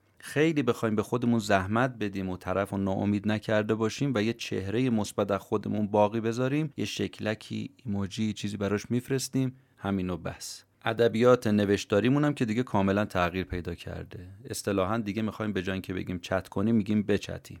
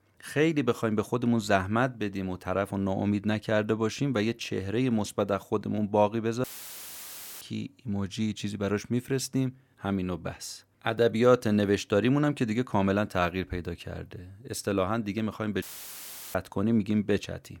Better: first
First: none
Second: audio cutting out; filled with static; at 6.5 s for 1 s and at 16 s for 0.5 s

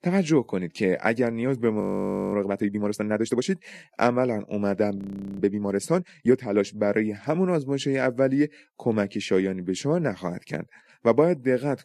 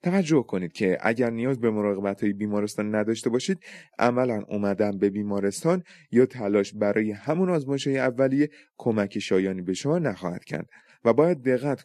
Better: second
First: audio freezing; at 2 s for 0.5 s and at 5 s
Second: none

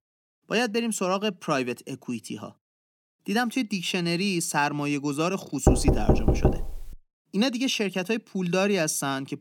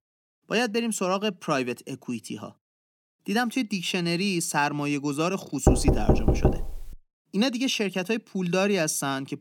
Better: neither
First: door banging; loud; from 5.5 to 7 s; peak 4 dB above the speech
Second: door banging; loud; from 5.5 to 7 s; peak 4 dB above the speech

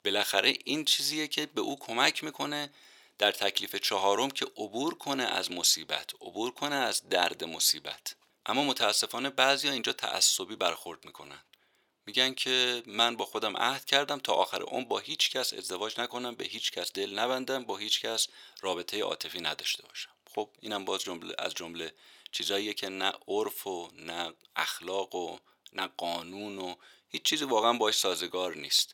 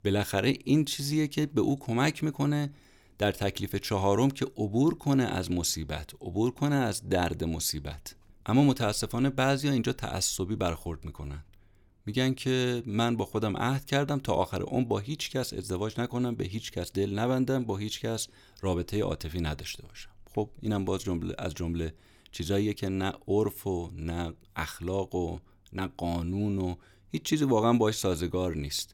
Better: second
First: thin; somewhat; fading below 600 Hz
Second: none

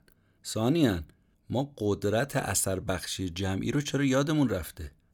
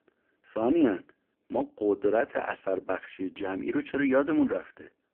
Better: first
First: none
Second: phone-call audio; poor line

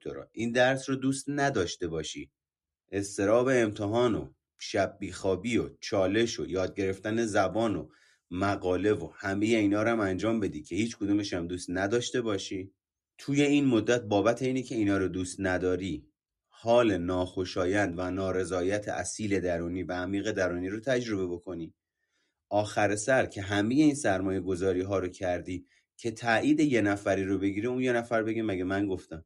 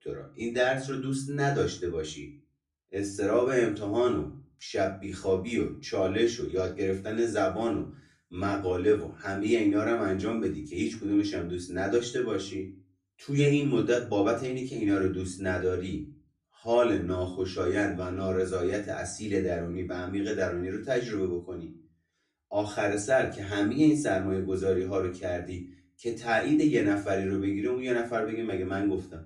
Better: first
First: none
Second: off-mic speech; far // room echo; slight; dies away in 0.3 s

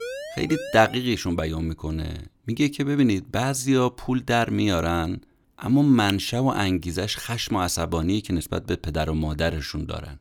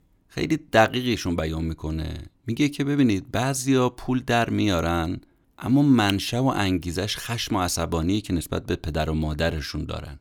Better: second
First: siren; noticeable; at the start; peak 10 dB below the speech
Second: none

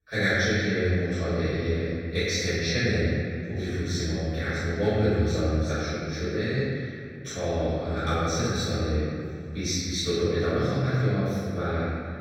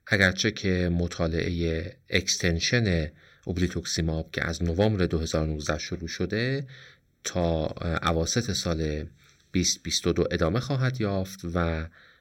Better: second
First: room echo; strong; dies away in 2.4 s // off-mic speech; far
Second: none

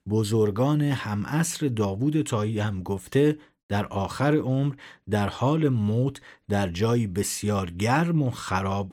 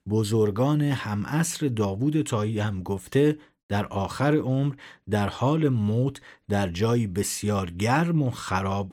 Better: neither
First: none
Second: none

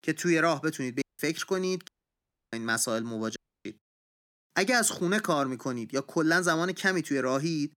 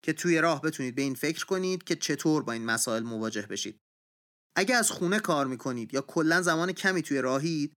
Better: second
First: audio cutting out; at 1 s, at 2 s for 0.5 s and at 3.5 s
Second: none

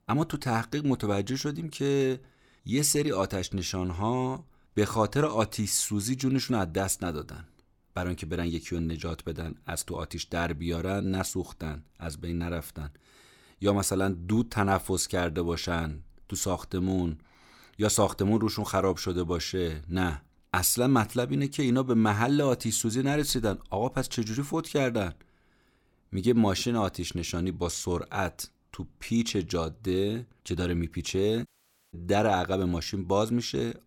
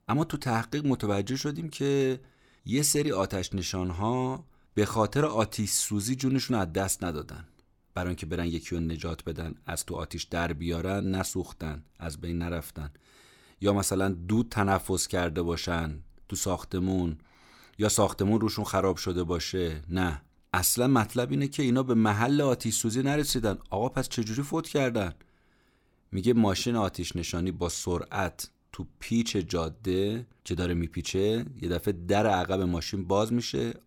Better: second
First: audio cutting out; at 31 s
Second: none

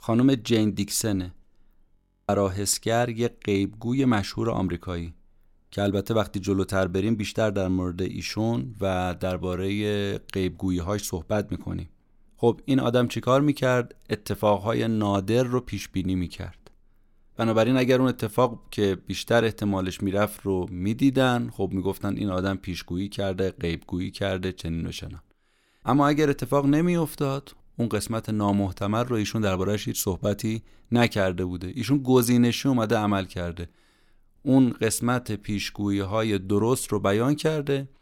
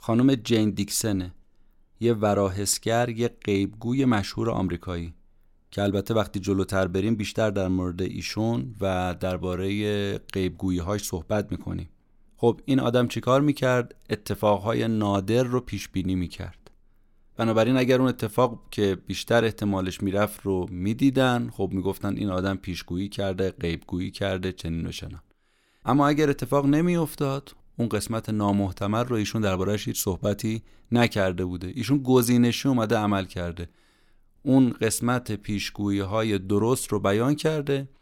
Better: second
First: audio freezing; at 2 s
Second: none

